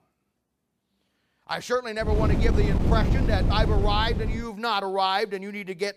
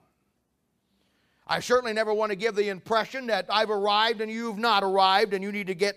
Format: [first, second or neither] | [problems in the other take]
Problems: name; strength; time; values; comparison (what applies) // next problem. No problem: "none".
second | wind noise on the microphone; faint; from 2 to 4.5 s; 7 dB below the speech